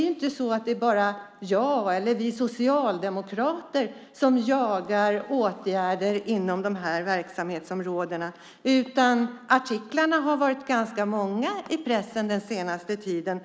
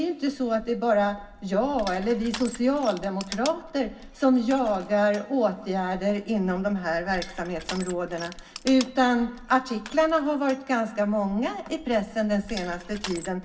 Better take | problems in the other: first | background sound (Crushing); 17 dB below the speech // room echo; dies away in 0.4 s

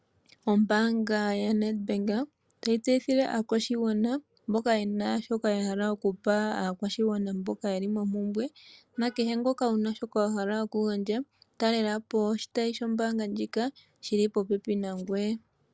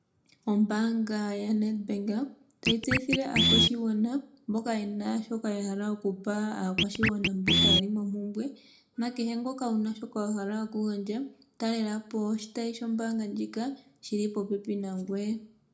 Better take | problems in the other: first | background sound (Scratching (performance technique)); 1 dB above the speech // room echo; dies away in 0.3 s

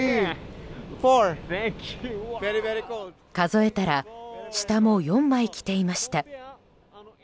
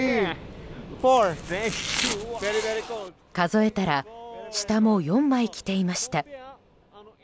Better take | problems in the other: first | background sound (Domestic sounds, home sounds); 8 dB below the speech

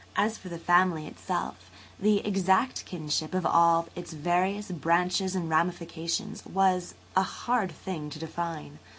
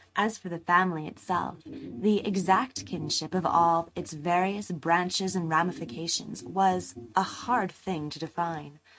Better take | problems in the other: first | noise reduction (neural mask model RNNoise)

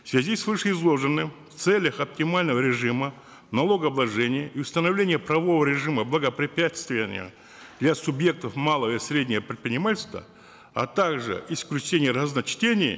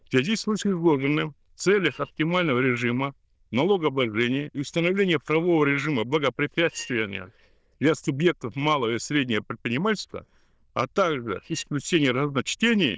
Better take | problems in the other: first | noise reduction (neural diffusion model UNIVERSE++)

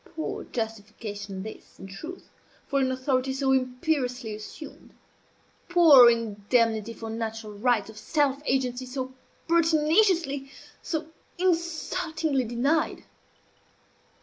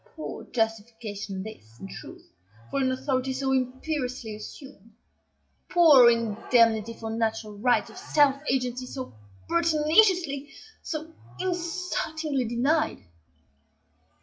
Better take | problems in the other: first | noise reduction (classical method WPE with log-MMSE)

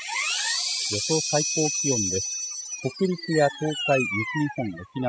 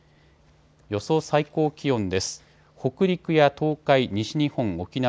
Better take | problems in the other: second | noise reduction (classical method spectral subtraction)

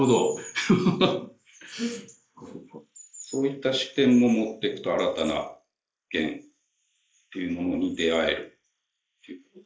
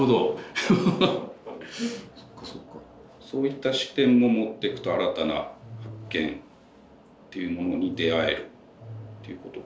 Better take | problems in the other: second | noise reduction (neural mask model Resemble Enhance denoiser)

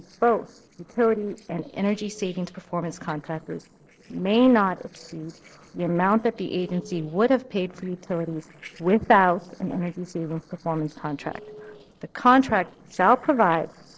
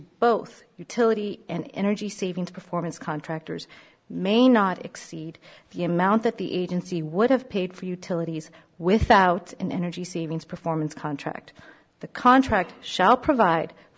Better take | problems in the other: second | noise reduction (neural separator model SepFormer DNS4)

